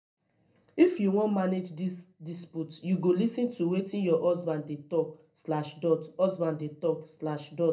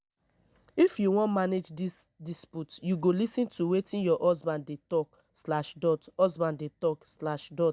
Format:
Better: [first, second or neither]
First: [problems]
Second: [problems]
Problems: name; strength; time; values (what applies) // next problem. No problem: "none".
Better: second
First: room echo; dies away in 0.3 s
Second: none